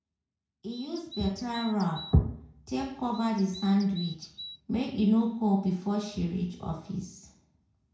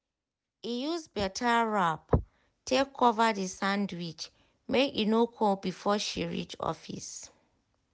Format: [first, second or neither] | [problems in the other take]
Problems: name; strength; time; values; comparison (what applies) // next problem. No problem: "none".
second | background sound (Bird vocalization, bird call, bird song); 15 dB below the speech // room echo; dies away in 0.6 s